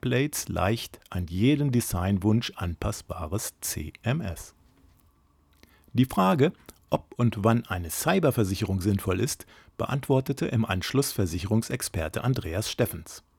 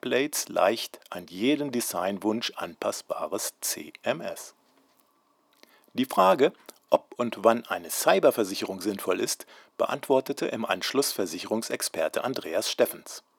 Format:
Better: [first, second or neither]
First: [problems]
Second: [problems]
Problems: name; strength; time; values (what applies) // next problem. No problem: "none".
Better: first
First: none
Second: thin; somewhat; fading below 300 Hz